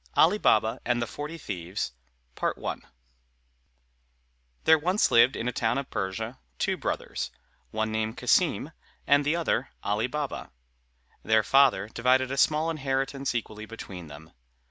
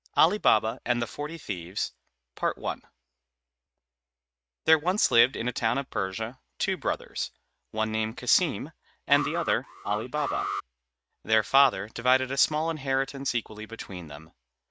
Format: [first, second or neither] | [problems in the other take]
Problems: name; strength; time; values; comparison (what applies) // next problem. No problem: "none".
first | noise reduction (neural mask model RNNoise)